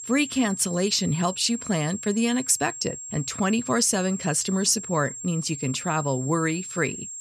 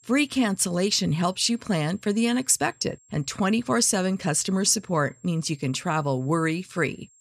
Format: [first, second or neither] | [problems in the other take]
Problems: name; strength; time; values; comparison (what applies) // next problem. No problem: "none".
second | high-pitched whine; loud; throughout; 7.5 kHz, 10 dB below the speech; faint in the second